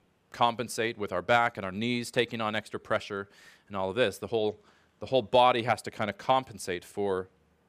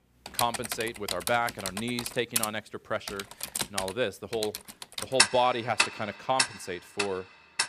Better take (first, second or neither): first